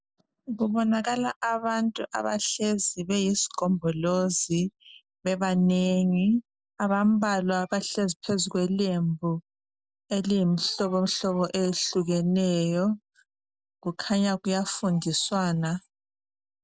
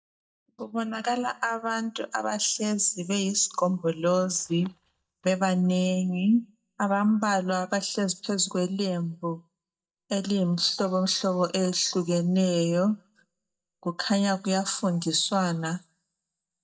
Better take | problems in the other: first | noise reduction (neural mask model DeepFilterNet 3)

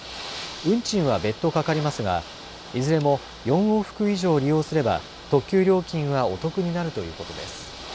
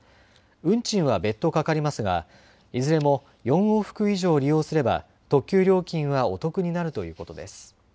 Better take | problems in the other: second | background sound (Ocean / Boat, Water vehicle); 15 dB below the speech

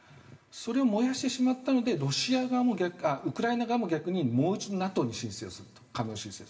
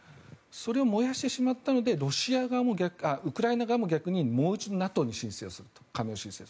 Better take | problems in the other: second | room echo; dies away in 1.7 s

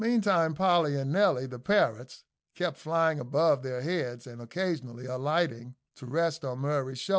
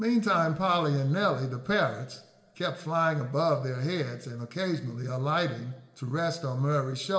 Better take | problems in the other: first | room echo; dies away in 1.1 s

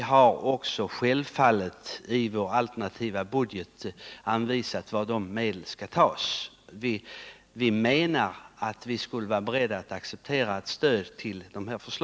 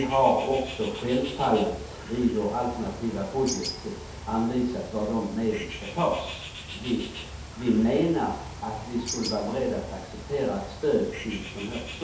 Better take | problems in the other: first | background sound (Bird); 11 dB below the speech // room echo; dies away in 0.8 s

